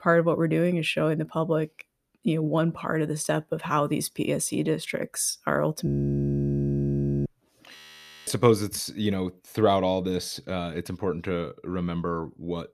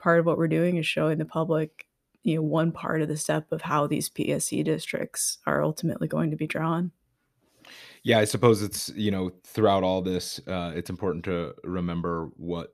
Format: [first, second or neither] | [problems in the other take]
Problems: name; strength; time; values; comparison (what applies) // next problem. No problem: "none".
second | audio freezing; at 6 s for 1.5 s and at 8 s for 0.5 s